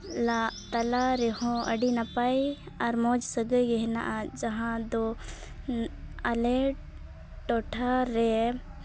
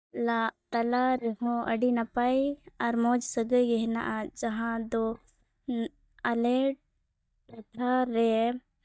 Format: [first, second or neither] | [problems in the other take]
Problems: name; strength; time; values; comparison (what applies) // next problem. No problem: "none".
first | noise reduction (neural mask model DeepFilterNet 3)